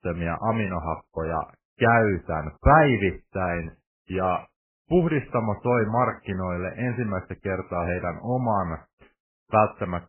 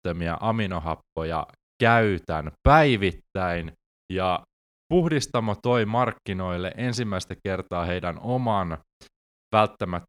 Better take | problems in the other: second | garbled, watery; badly; nothing above 3 kHz

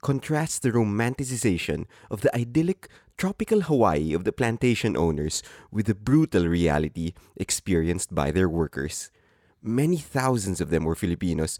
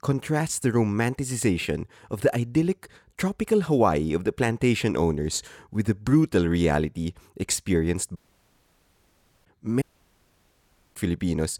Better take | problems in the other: first | audio cutting out; at 8 s for 1.5 s and at 10 s for 1 s

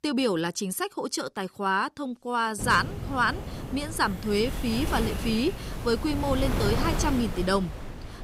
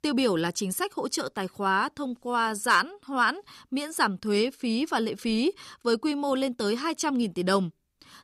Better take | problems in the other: second | wind noise on the microphone; heavy; from 2.5 s on; 10 dB below the speech

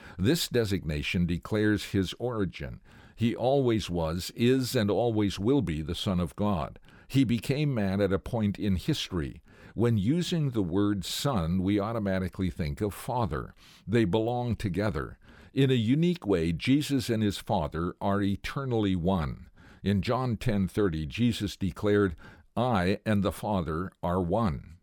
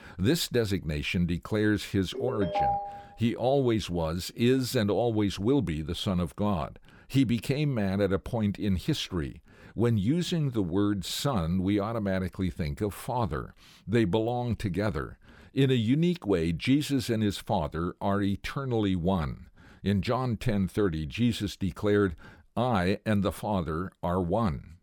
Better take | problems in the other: first | phone ringing; loud; at 2 s; peak level with the speech

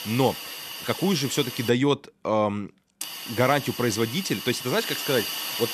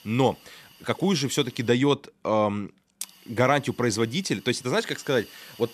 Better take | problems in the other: second | hiss; loud; until 1.5 s and from 3 s on; 7 dB below the speech; faint in the second

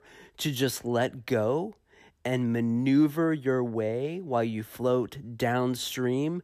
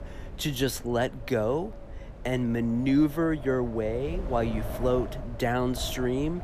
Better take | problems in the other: first | wind noise on the microphone; occasional gusts; 15 dB below the speech

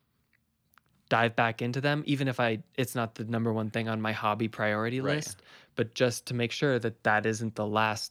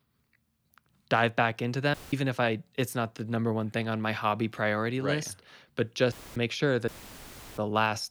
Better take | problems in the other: first | audio cutting out; filled with static; at 2 s, at 6 s and at 7 s for 0.5 s

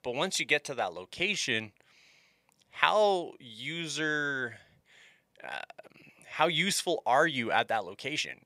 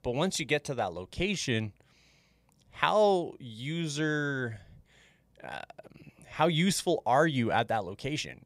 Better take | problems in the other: second | thin; somewhat; fading below 950 Hz

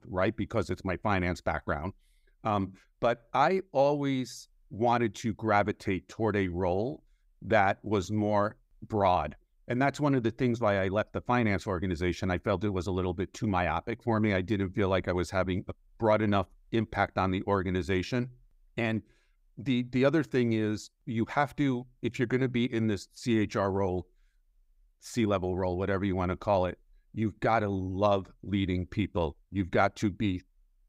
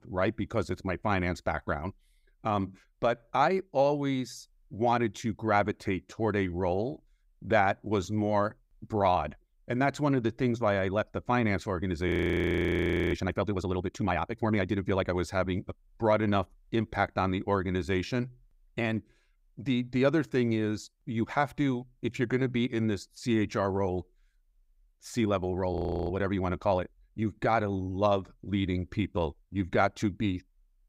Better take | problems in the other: first | audio freezing; at 12 s for 1 s and at 26 s

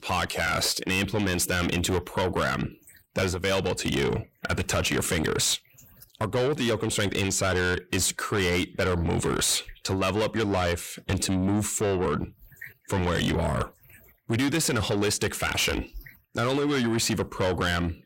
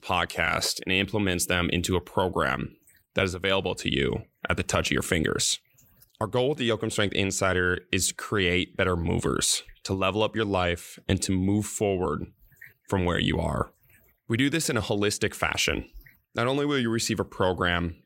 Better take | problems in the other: second | distortion; heavy; 6 dB below the speech

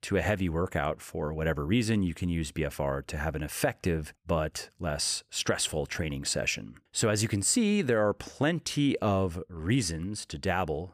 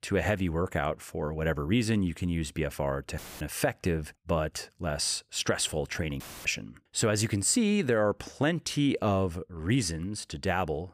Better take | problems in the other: first | audio cutting out; filled with static; at 3 s and at 6 s

